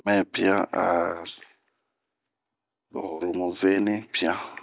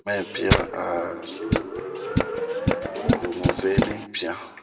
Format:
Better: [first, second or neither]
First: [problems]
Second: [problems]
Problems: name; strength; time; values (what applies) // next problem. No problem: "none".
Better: first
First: none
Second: background sound (Tools); 5 dB above the speech // room echo; dies away in 1.3 s